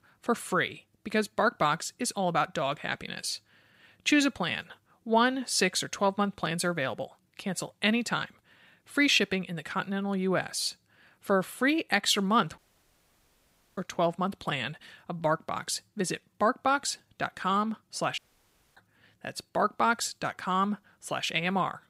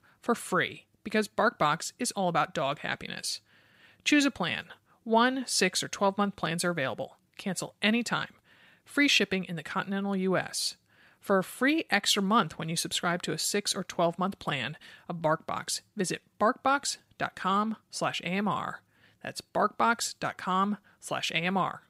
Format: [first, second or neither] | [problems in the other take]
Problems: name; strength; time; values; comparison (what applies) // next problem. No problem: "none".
second | audio cutting out; at 13 s for 1 s and at 18 s for 0.5 s